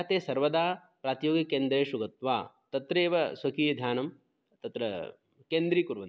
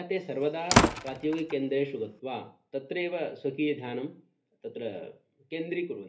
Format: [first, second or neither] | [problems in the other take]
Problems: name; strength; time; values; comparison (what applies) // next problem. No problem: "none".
first | background sound (Slam); 4 dB above the speech // room echo; dies away in 0.3 s